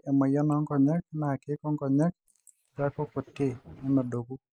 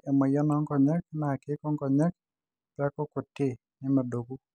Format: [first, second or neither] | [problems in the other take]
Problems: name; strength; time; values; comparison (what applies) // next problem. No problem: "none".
second | noise reduction (neural mask model Resemble Enhance denoiser)